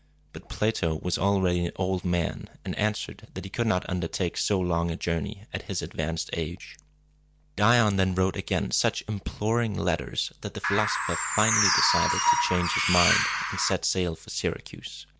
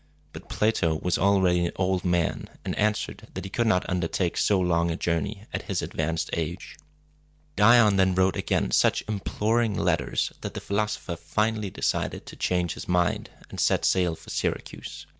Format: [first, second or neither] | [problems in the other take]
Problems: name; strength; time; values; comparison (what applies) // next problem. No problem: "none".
second | background sound (Bird); 2 dB above the speech